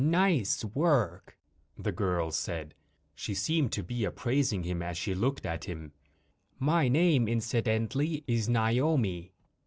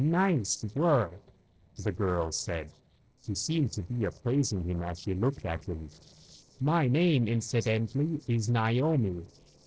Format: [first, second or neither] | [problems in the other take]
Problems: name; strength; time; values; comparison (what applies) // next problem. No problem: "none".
first | noise reduction (neural separator model SepFormer DNS4)